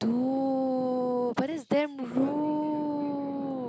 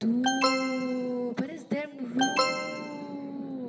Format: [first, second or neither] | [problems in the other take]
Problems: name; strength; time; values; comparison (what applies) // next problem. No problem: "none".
first | background sound (Alarm); as loud as the speech // room echo; dies away in 1.8 s